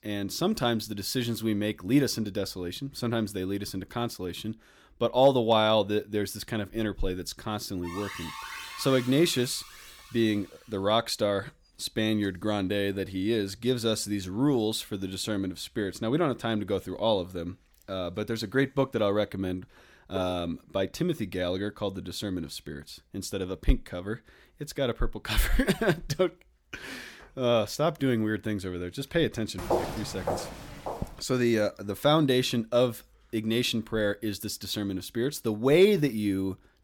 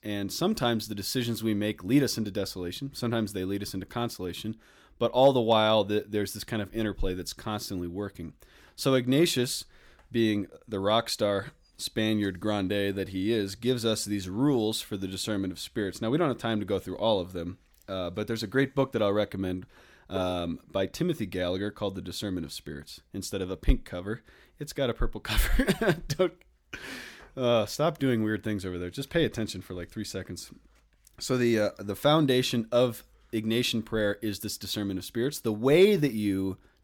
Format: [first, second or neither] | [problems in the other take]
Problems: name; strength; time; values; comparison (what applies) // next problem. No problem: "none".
second | alarm; noticeable; from 8 to 10 s; peak 9 dB below the speech // footsteps; noticeable; from 30 to 31 s; peak 1 dB below the speech